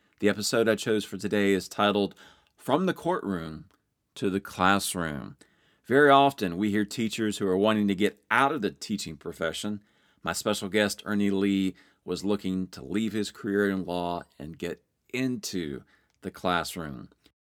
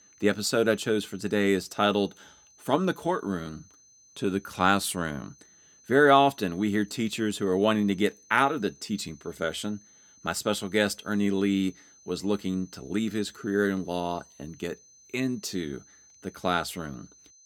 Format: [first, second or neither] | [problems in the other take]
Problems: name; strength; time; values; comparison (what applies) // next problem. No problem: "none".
first | high-pitched whine; faint; throughout; 6 kHz, 25 dB below the speech